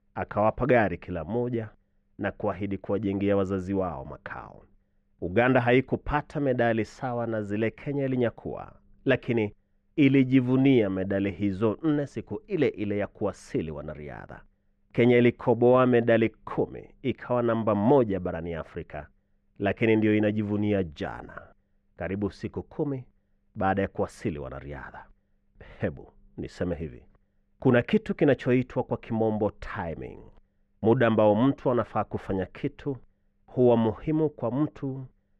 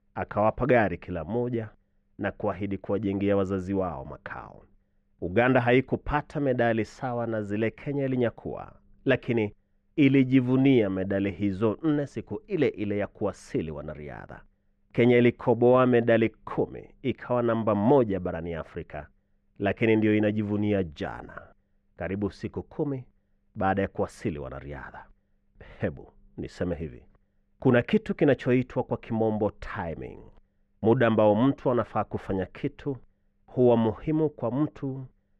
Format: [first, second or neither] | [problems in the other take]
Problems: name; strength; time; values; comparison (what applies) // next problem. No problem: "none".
neither | muffled; very; fading above 2 kHz; the same in both